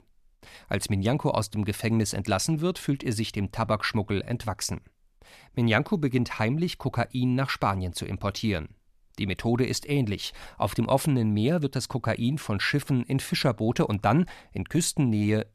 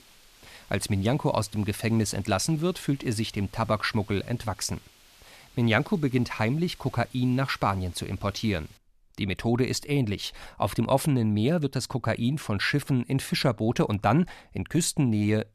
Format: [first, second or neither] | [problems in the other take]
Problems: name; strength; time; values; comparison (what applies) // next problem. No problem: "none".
first | hiss; faint; until 9 s; 25 dB below the speech